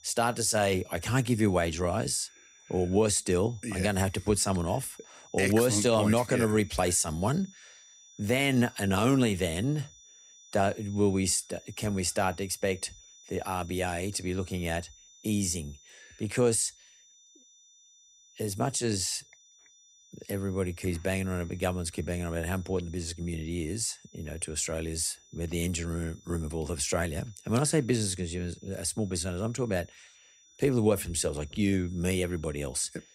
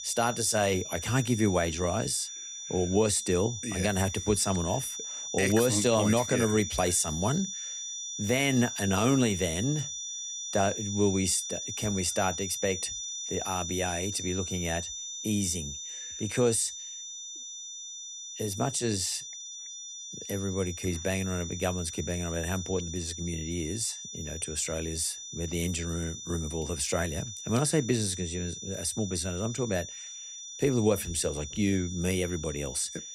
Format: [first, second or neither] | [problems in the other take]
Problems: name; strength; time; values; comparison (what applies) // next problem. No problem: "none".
first | high-pitched whine; loud; throughout; 6 kHz, 7 dB below the speech; faint in the first